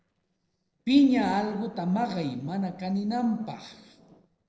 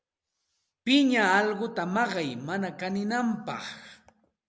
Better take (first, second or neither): second